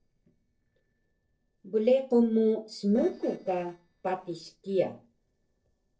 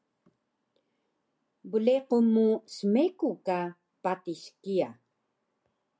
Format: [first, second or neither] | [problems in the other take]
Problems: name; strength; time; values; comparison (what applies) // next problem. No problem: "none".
second | noise reduction (neural separator model SepFormer DNS4)